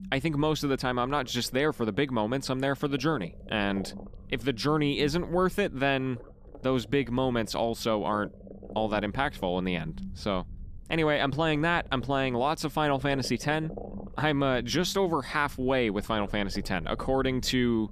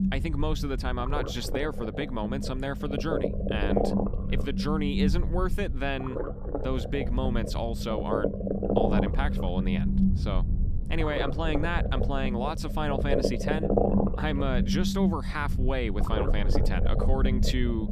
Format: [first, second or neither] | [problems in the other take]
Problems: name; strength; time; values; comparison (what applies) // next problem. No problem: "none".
first | low rumble; loud; throughout; 1 dB below the speech; faint in the first